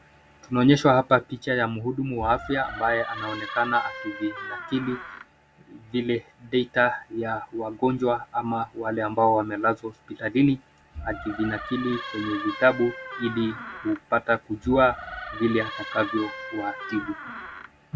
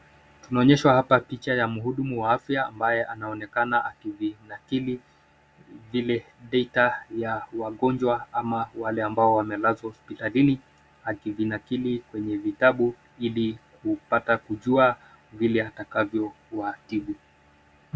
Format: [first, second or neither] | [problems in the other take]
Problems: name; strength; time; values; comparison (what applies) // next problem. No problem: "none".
second | background sound (Door); 10 dB below the speech